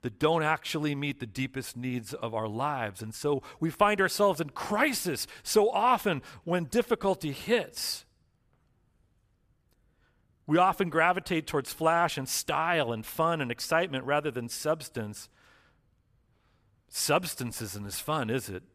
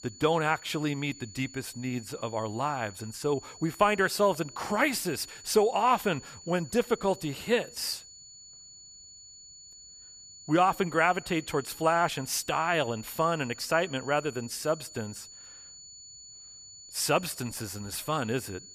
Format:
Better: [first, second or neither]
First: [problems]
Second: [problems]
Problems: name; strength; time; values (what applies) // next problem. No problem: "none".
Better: first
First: none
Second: high-pitched whine; noticeable; throughout; 7 kHz, 15 dB below the speech